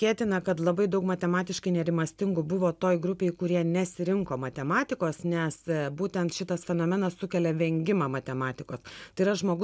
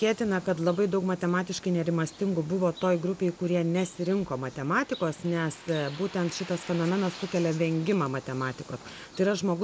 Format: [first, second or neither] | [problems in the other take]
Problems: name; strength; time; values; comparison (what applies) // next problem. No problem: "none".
first | background sound (Bird); 19 dB below the speech